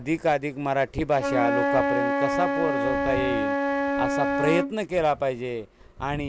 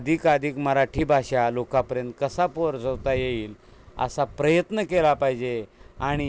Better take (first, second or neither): second